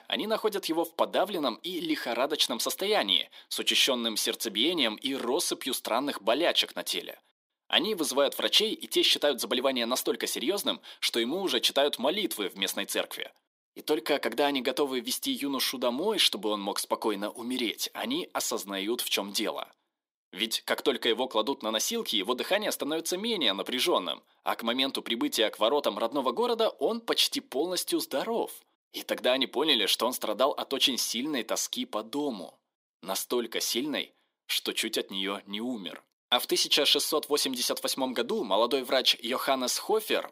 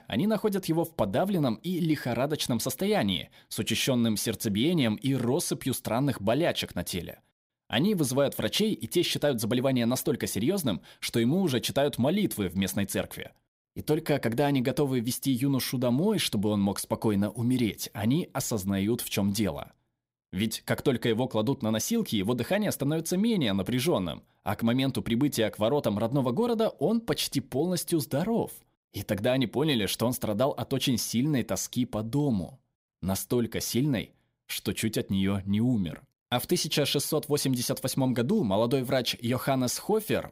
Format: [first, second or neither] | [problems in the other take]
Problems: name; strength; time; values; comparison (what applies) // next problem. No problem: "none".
second | thin; somewhat; fading below 300 Hz